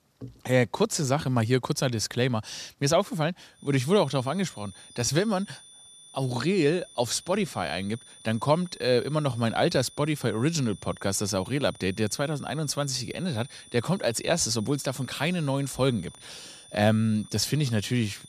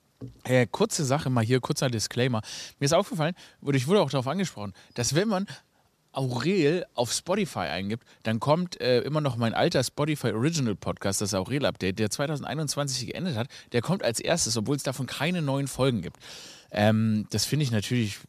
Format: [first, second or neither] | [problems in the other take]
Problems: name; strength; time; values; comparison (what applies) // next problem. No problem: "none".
second | high-pitched whine; faint; from 3.5 s on; 3.5 kHz, 20 dB below the speech